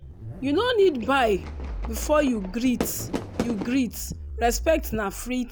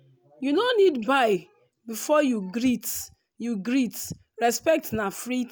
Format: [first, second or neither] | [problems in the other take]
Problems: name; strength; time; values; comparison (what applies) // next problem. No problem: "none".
second | background sound (Fireworks + Zipper (clothing)); 8 dB below the speech